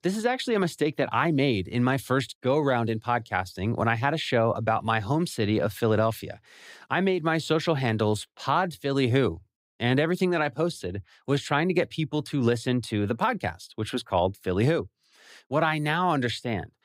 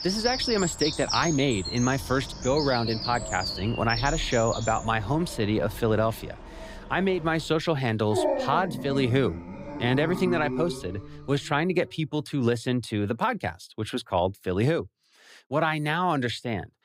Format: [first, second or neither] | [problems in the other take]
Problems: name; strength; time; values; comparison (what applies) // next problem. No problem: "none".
first | animal sounds; loud; until 11 s; 6 dB below the speech